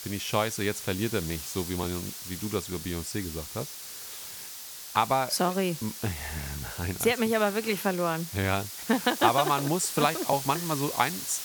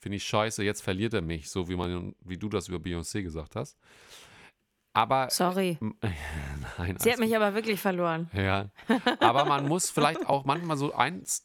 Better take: second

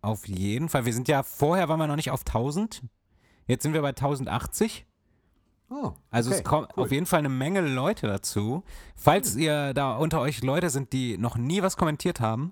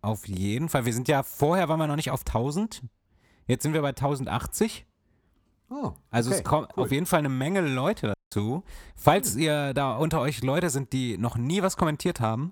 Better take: first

